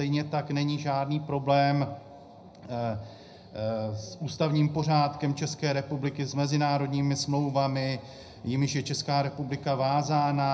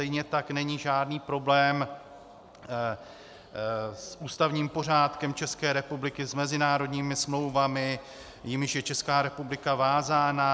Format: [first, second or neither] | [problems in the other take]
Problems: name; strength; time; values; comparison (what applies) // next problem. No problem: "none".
second | room echo; dies away in 0.4 s